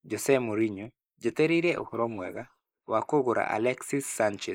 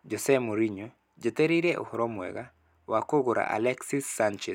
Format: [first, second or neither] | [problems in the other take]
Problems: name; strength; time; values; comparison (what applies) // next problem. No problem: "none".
second | noise reduction (neural mask model Resemble Enhance denoiser)